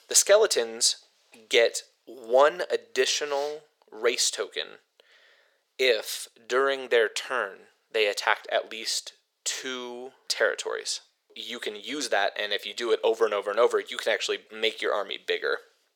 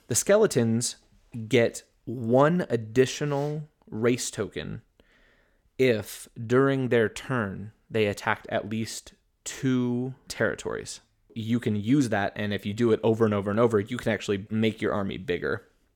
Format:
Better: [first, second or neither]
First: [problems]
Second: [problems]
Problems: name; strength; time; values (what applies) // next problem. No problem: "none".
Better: second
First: thin; very; fading below 500 Hz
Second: none